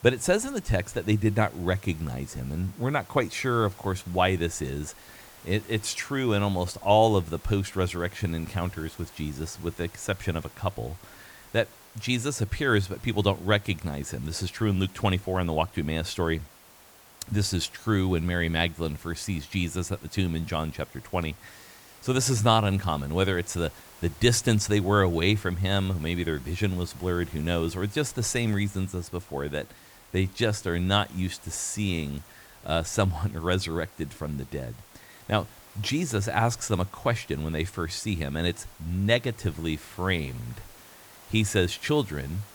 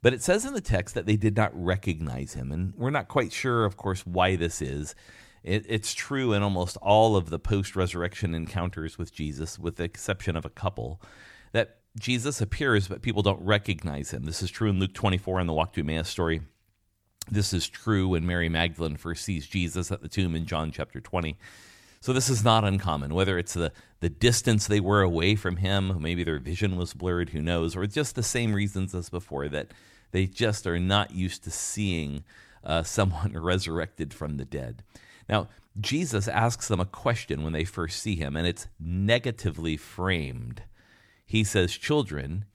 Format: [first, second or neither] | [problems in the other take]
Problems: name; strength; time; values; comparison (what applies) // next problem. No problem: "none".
second | hiss; faint; throughout; 20 dB below the speech